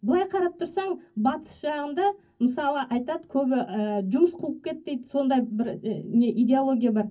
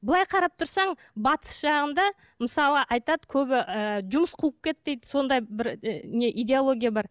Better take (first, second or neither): second